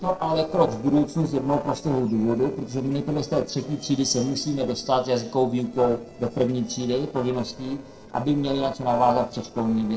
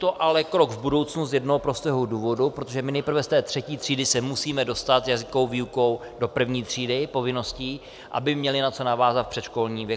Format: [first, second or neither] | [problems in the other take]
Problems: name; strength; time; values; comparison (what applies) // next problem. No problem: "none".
second | noise reduction (neural separator model SepFormer DNS4)